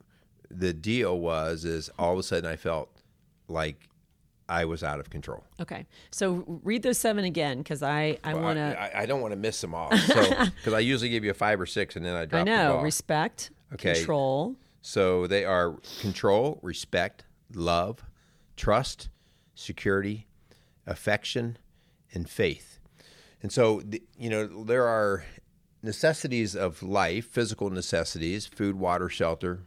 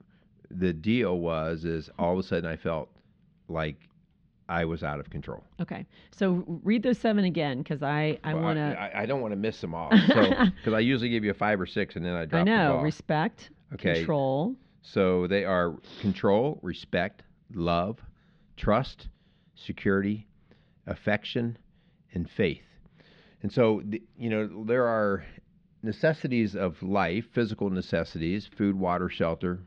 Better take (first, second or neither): first